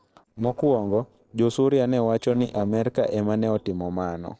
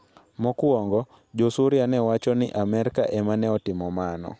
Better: second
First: noise reduction (neural separator model SepFormer DNS4)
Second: none

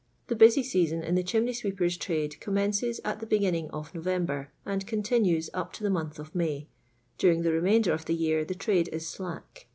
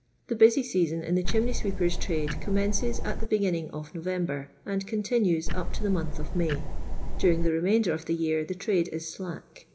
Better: first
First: none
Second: background sound (Tick-tock); 3 dB above the speech // room echo; dies away in 1.3 s

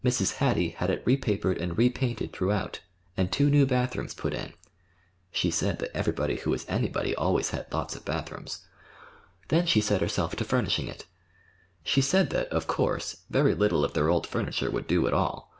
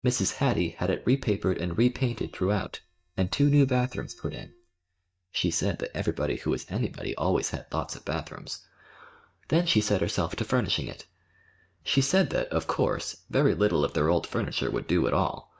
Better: first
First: none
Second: noise reduction (neural mask model DeepFilterNet 3)

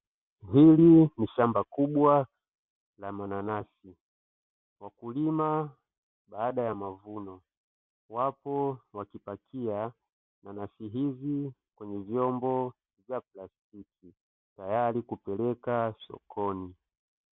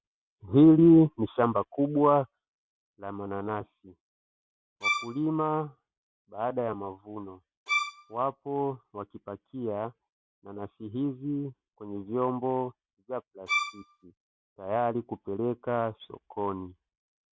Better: first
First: none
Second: background sound (Bowed string instrument); 3 dB below the speech

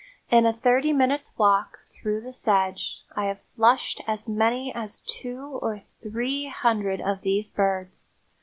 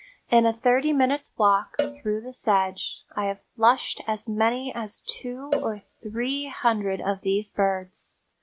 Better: first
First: none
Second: noise reduction (neural mask model RNNoise)

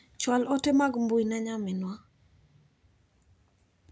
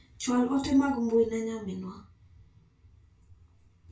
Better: first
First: none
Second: room echo; dies away in 0.2 s

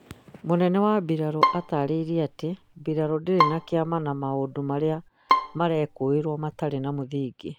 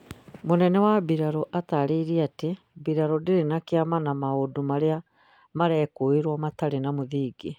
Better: second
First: background sound (Bowed string instrument); 3 dB below the speech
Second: none

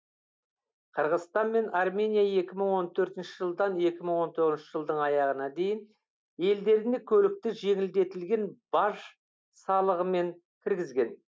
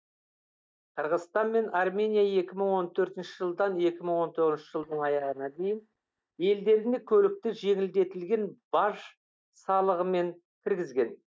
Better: first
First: none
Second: noise reduction (neural mask model DeepFilterNet 3)

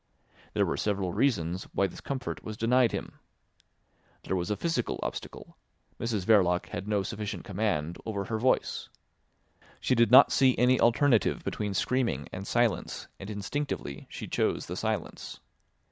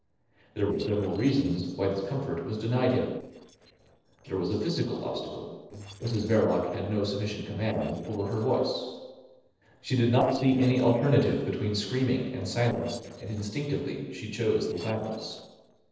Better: first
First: none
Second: noise reduction (neural separator model SepFormer DNS4)

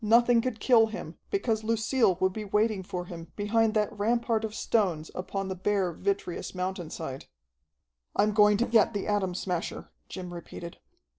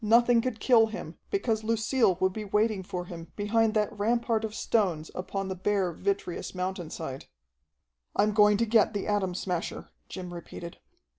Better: second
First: noise reduction (neural separator model SepFormer DNS4)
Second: none

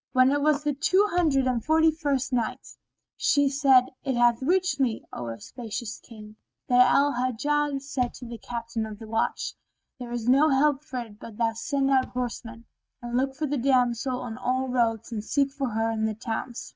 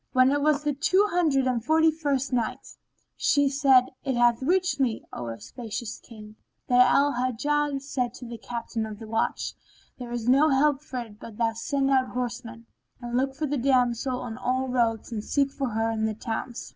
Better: second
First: noise reduction (neural mask model RNNoise)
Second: none

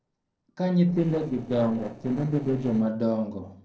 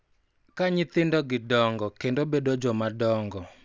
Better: second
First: noise reduction (neural separator model SepFormer DNS4)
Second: none

